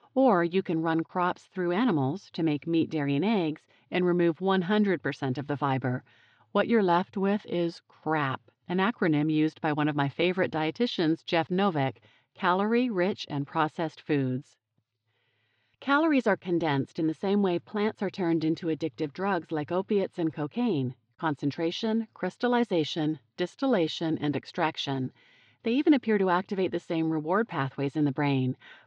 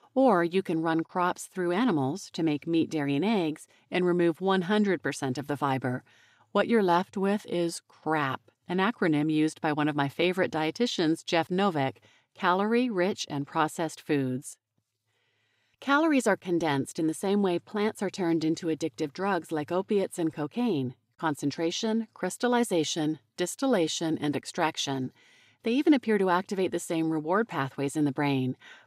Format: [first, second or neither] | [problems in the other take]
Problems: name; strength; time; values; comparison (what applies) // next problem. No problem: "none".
second | muffled; very slightly; fading above 4.5 kHz